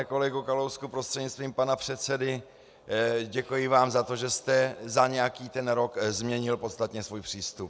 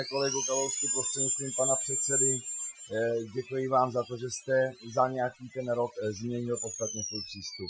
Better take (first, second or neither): first